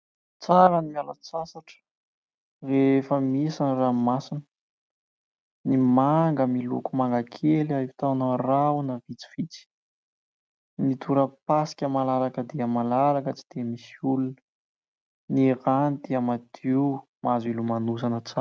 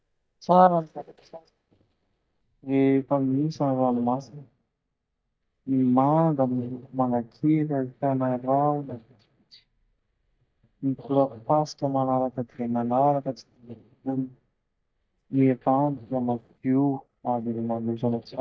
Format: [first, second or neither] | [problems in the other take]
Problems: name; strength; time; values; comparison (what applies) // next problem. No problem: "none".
first | noise reduction (neural mask model DeepFilterNet 3)